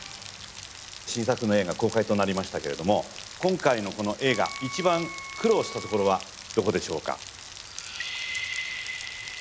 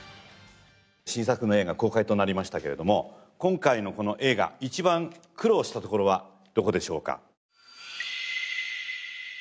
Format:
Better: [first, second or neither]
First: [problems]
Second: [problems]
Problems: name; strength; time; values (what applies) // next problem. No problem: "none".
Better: second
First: background sound (Rain + Wind instrument, woodwind instrument); 12 dB below the speech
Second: none